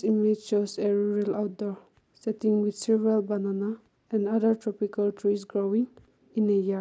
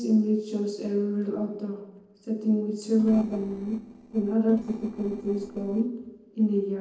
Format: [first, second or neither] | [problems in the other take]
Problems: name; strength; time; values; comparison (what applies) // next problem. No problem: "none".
first | noise reduction (neural separator model SepFormer DNS4)